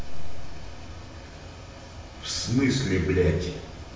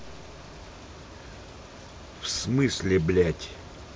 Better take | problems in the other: second | room echo; dies away in 0.9 s

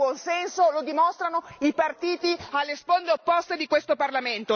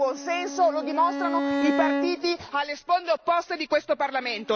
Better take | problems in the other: first | background sound (Bowed string instrument); 5 dB below the speech

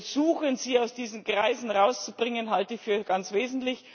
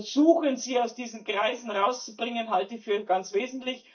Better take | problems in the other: first | noise reduction (neural mask model DeepFilterNet 3)

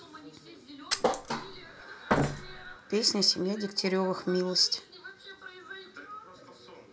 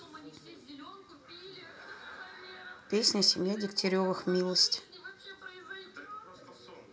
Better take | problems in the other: second | background sound (Thump, thud); 1 dB above the speech

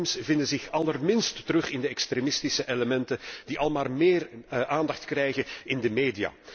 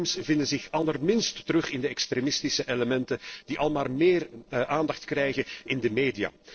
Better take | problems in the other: first | noise reduction (neural separator model SepFormer DNS4)

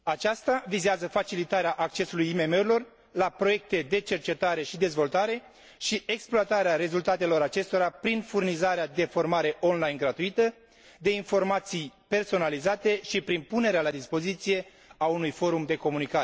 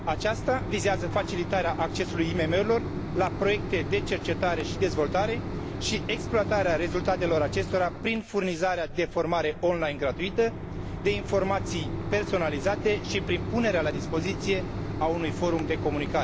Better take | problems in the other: first | background sound (Mechanisms); 5 dB below the speech

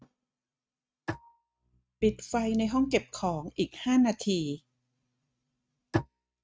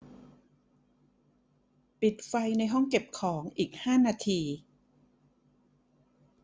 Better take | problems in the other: second | noise reduction (neural mask model RNNoise)

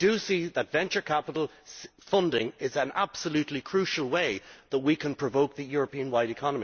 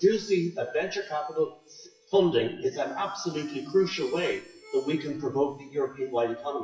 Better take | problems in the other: first | noise reduction (classical method WPE with log-MMSE)

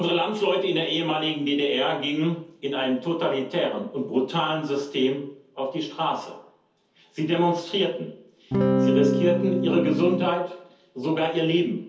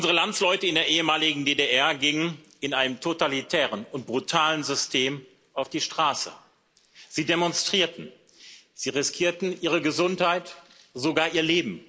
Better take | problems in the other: second | background sound (Electric guitar / Strum); 2 dB above the speech // room echo; dies away in 0.5 s

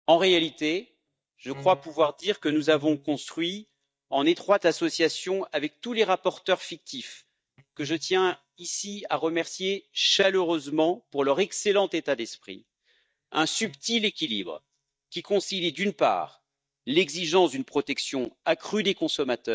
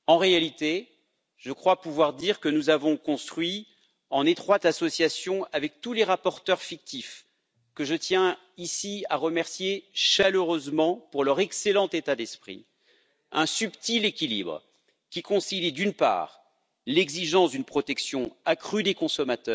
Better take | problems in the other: second | noise reduction (neural mask model DeepFilterNet 3)

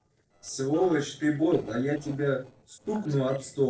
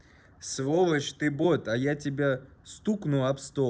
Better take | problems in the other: second | noise reduction (neural separator model SepFormer DNS4)

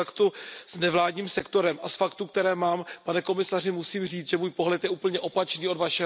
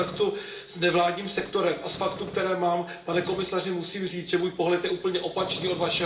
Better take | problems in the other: first | background sound (Tools); 16 dB below the speech // room echo; dies away in 0.8 s

